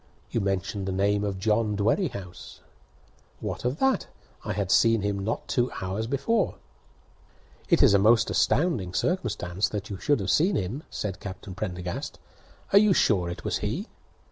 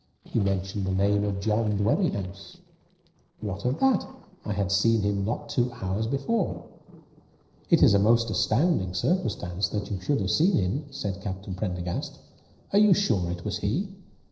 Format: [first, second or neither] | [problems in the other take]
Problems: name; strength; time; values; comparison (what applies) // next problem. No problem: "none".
first | noise reduction (neural separator model SepFormer DNS4)